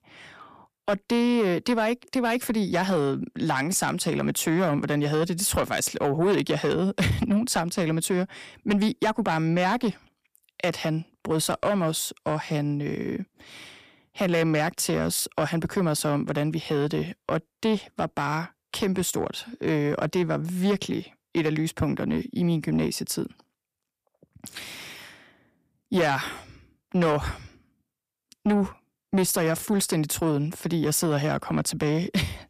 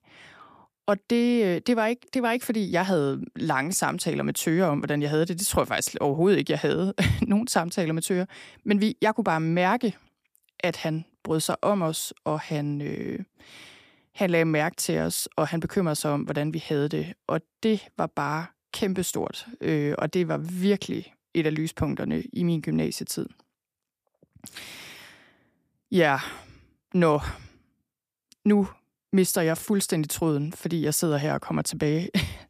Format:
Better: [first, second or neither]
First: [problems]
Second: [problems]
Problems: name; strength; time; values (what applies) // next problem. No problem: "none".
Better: second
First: distortion; slight; 10 dB below the speech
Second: none